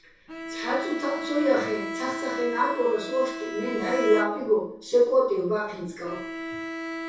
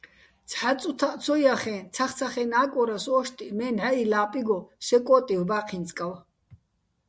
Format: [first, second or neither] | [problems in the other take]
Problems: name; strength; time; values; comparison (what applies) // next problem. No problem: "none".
second | background sound (Bowed string instrument); 8 dB below the speech // room echo; dies away in 0.6 s